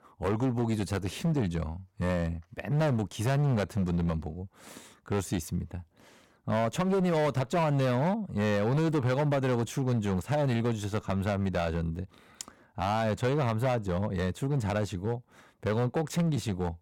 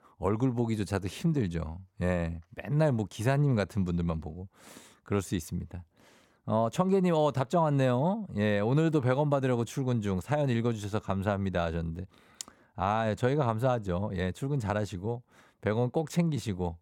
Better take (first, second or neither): second